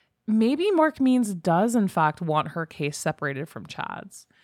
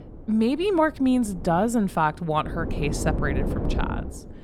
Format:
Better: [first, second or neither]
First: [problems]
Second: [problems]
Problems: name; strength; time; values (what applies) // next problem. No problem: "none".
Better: first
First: none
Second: wind noise on the microphone; occasional gusts; 10 dB below the speech